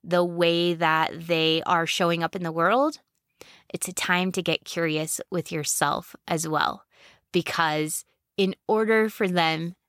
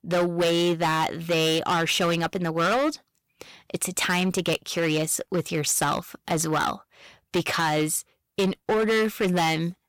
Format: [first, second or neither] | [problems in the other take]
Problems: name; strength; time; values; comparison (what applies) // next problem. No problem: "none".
first | distortion; heavy; 13% of the sound clipped